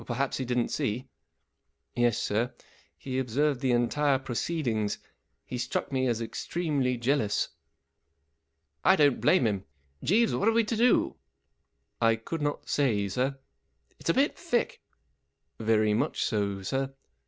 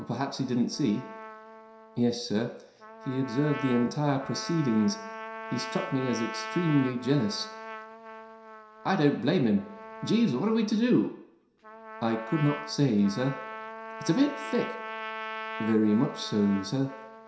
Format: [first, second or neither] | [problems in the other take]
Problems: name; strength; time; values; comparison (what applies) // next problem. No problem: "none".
first | background sound (Trumpet); 12 dB below the speech // room echo; dies away in 0.7 s